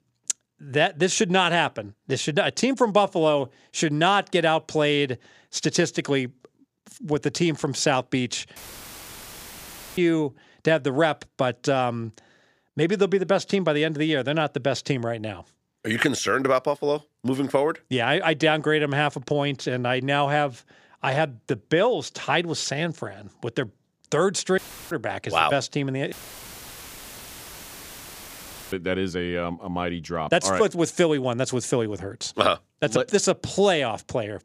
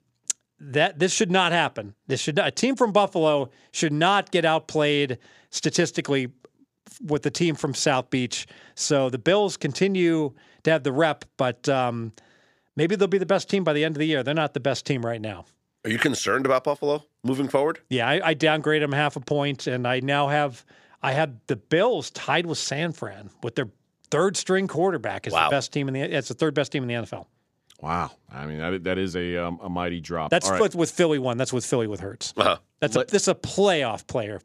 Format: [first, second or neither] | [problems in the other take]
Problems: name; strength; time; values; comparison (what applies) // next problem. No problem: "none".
second | audio cutting out; filled with static; at 8.5 s for 1.5 s, at 25 s and at 26 s for 2.5 s